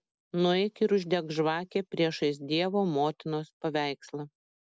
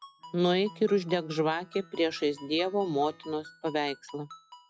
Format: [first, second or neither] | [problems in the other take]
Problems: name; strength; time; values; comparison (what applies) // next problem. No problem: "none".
first | noise reduction (classical method log-MMSE)